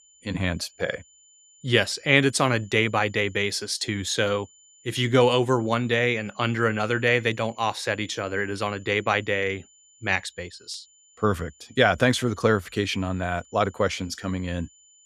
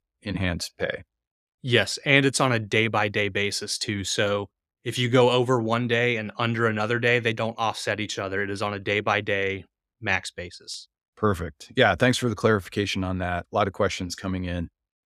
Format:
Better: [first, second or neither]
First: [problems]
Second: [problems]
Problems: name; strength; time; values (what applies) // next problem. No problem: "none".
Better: second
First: high-pitched whine; faint; throughout; 7 kHz, 30 dB below the speech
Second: none